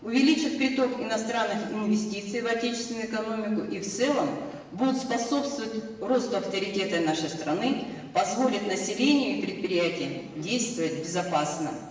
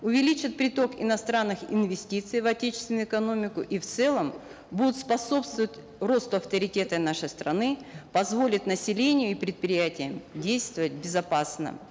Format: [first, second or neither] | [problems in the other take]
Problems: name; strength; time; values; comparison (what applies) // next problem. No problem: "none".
second | room echo; dies away in 1.1 s